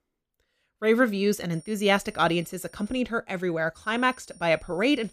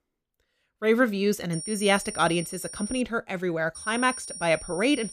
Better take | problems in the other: first | high-pitched whine; loud; from 1.5 to 3 s and from 4 s on; 9 kHz, 10 dB below the speech; faint in the first

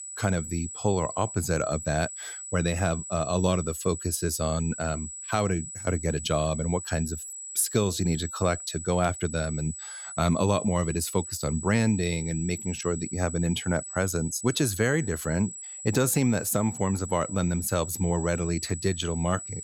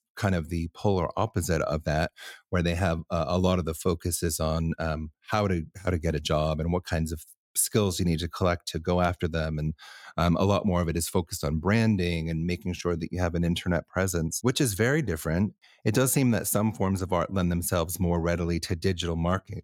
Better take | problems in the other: second | high-pitched whine; loud; throughout; 8 kHz, 9 dB below the speech

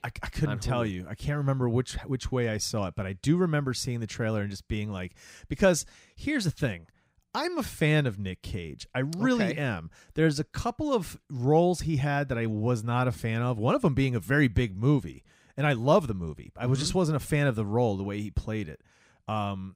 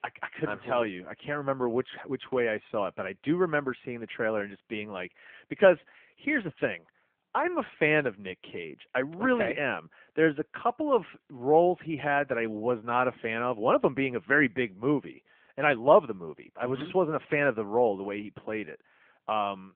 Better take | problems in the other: first | phone-call audio

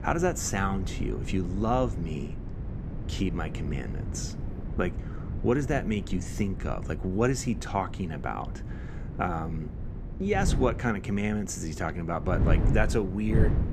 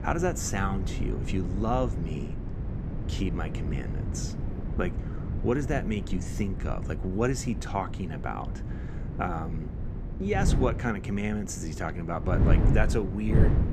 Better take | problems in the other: first | wind noise on the microphone; heavy; 8 dB below the speech; occasional gusts in the first

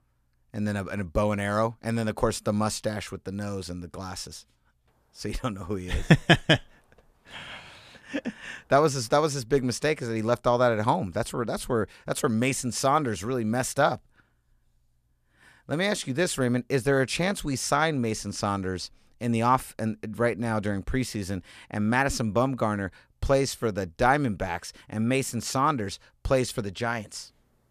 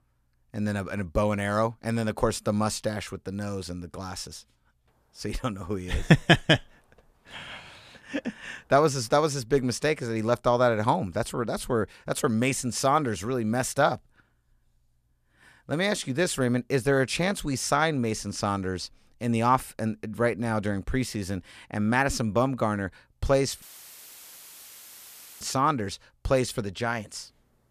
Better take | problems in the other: first | audio cutting out; filled with static; at 24 s for 2 s

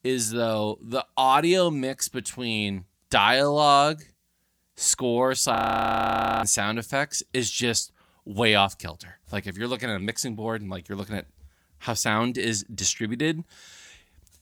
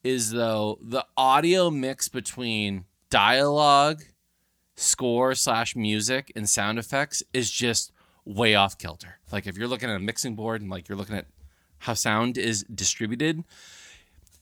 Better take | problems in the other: second | audio freezing; at 5.5 s for 1 s

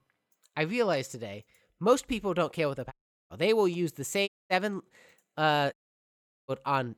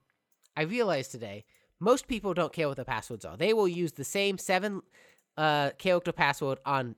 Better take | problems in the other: second | audio cutting out; at 3 s, at 4.5 s and at 5.5 s for 0.5 s

